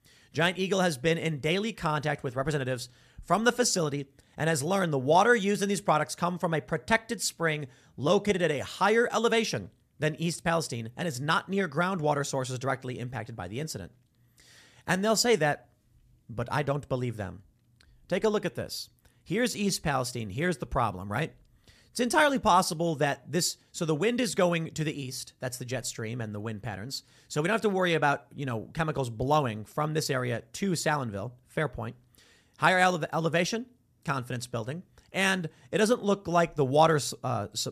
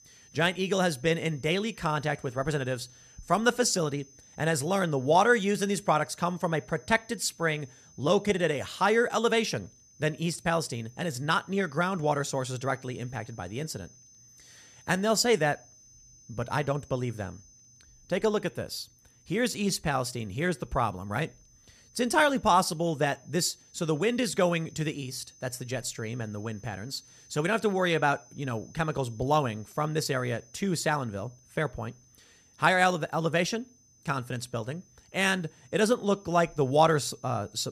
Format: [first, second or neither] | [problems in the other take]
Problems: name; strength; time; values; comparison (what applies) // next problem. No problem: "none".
first | high-pitched whine; faint; throughout; 6 kHz, 25 dB below the speech